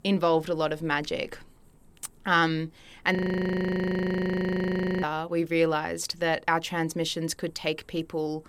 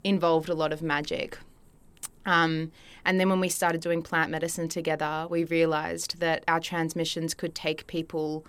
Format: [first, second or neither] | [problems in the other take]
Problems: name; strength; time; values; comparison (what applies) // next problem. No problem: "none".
second | audio freezing; at 3 s for 2 s